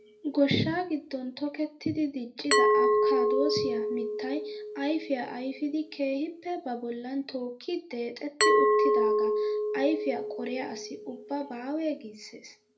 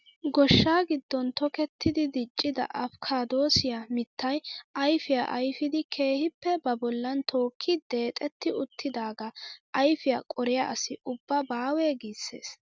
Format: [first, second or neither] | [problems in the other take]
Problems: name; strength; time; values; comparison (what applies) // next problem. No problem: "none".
second | background sound (Glass); 2 dB above the speech // room echo; dies away in 0.3 s